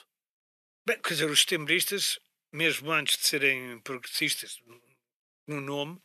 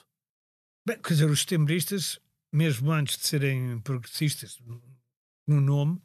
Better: second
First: thin; very; fading below 300 Hz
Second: none

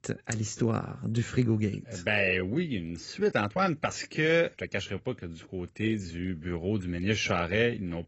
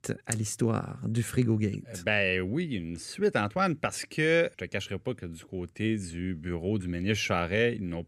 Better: second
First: garbled, watery; badly; nothing above 8 kHz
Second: none

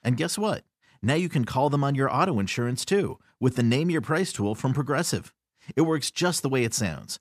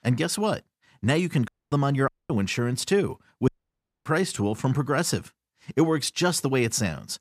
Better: first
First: none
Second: audio cutting out; at 1.5 s, at 2 s and at 3.5 s for 0.5 s

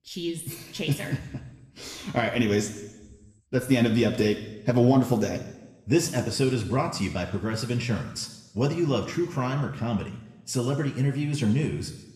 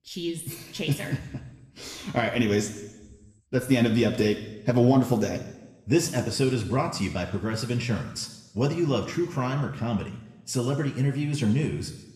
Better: neither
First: room echo; slight; dies away in 0.9 s // off-mic speech; somewhat distant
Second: room echo; slight; dies away in 0.9 s // off-mic speech; somewhat distant

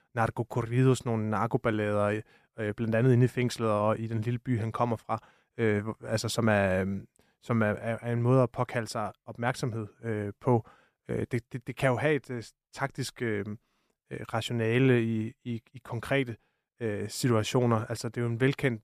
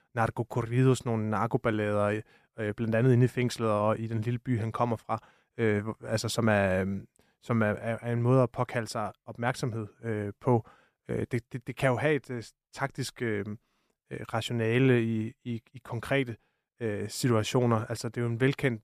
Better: neither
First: none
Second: none

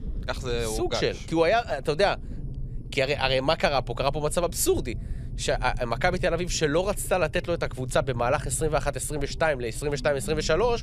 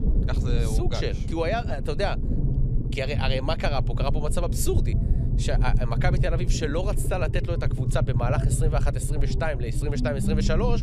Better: first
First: low rumble; faint; throughout; 25 dB below the speech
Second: low rumble; loud; throughout; 8 dB below the speech

